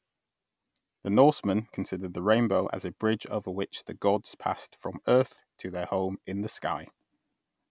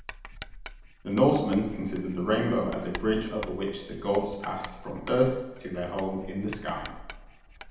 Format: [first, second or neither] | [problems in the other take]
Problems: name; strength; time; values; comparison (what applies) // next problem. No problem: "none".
first | background sound (Writing); 14 dB below the speech // room echo; dies away in 0.9 s